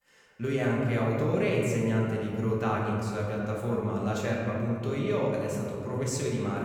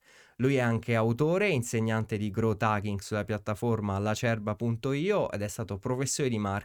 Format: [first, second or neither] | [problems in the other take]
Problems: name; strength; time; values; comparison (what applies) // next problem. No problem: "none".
second | room echo; noticeable; dies away in 2.3 s // off-mic speech; far